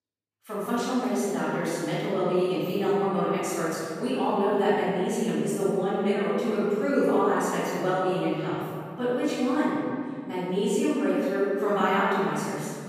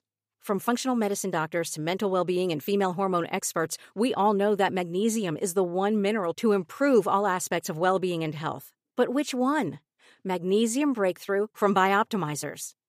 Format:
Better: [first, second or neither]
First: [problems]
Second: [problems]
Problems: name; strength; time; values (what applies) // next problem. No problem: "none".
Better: second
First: room echo; strong; dies away in 2 s // off-mic speech; far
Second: none